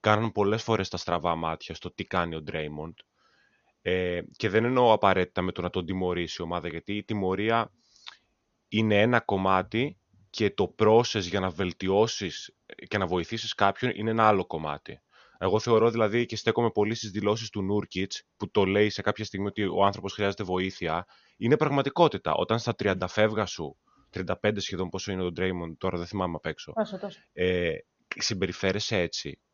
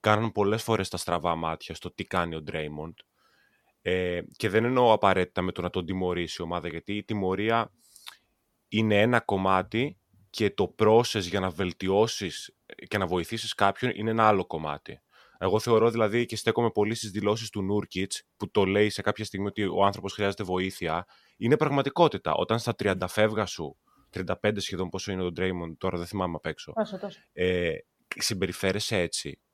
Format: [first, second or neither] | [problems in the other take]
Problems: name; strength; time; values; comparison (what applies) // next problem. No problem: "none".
second | garbled, watery; slightly; nothing above 6.5 kHz